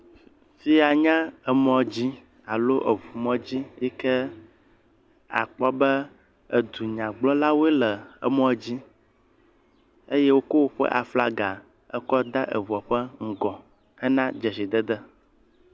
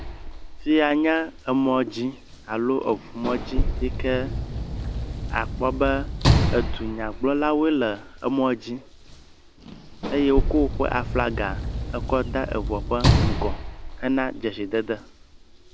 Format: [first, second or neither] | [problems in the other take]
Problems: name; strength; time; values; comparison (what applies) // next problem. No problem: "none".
first | background sound (Sliding door / Slam); 2 dB below the speech